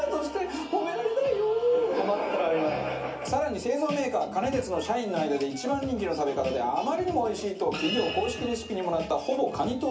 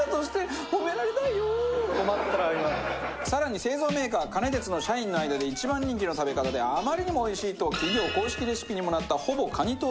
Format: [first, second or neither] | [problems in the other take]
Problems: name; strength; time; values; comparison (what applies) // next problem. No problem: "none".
second | room echo; dies away in 0.3 s